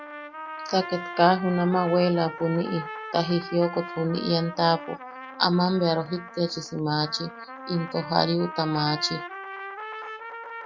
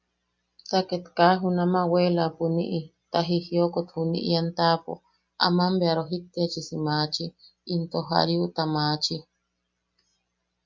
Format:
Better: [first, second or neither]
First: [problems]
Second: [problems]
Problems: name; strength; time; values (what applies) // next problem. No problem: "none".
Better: second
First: background sound (Trumpet); 12 dB below the speech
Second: none